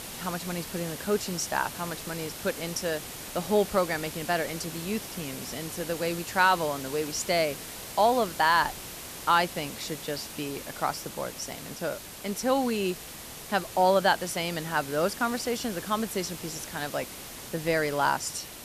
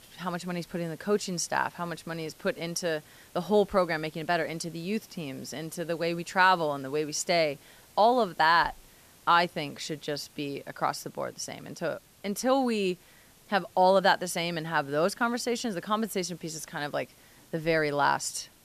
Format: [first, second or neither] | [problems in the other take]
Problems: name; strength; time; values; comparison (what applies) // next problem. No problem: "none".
second | hiss; loud; throughout; 10 dB below the speech; faint in the second